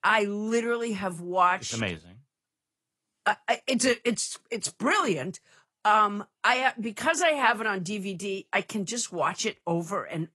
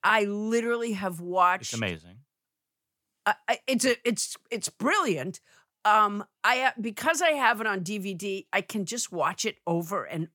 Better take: second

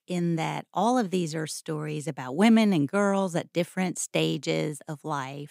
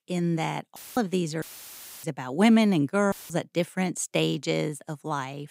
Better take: first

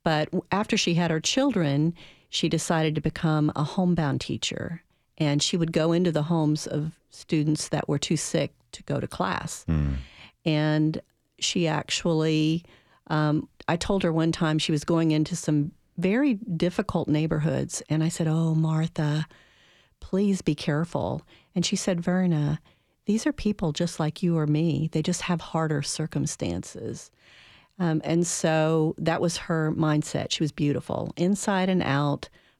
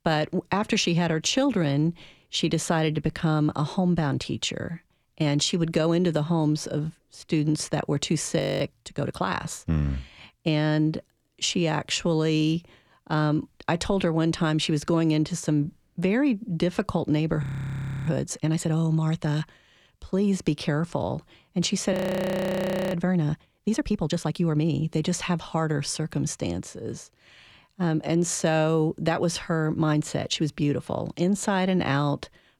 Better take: first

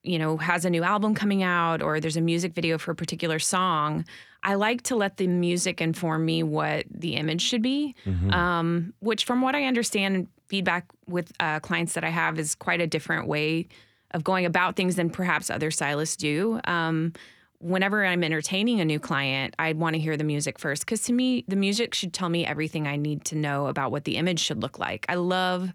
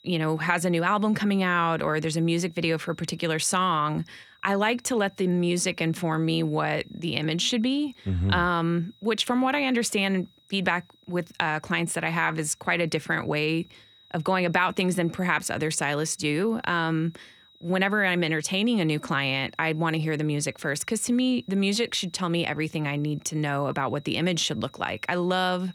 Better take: first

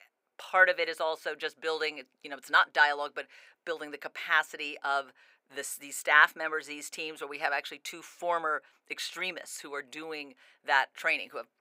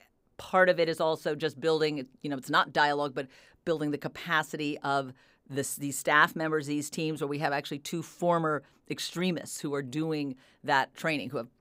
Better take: second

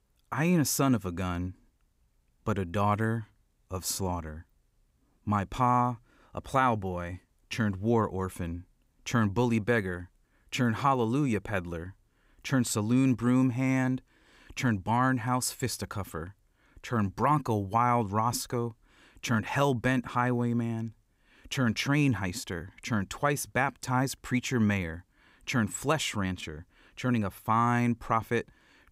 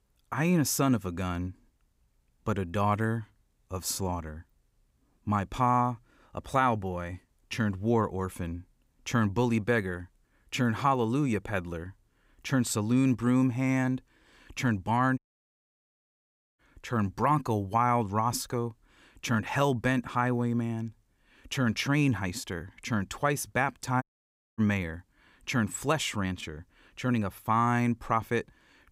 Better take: first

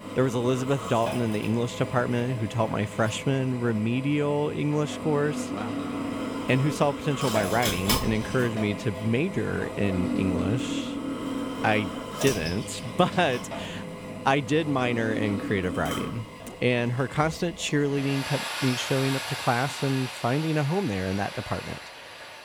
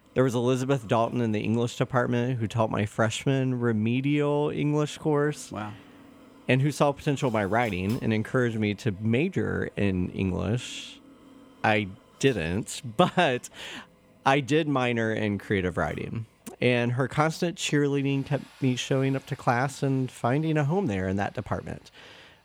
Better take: second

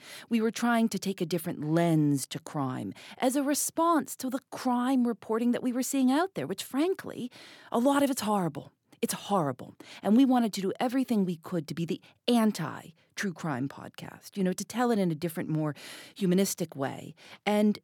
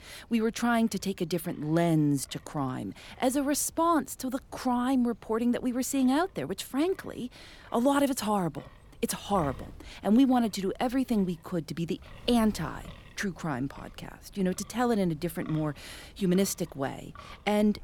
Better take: first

